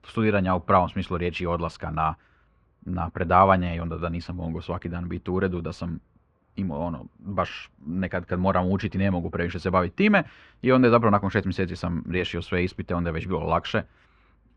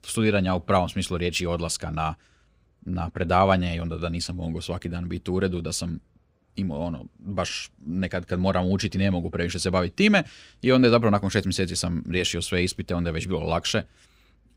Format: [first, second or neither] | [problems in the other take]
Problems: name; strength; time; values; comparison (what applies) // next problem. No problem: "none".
second | muffled; very; fading above 2 kHz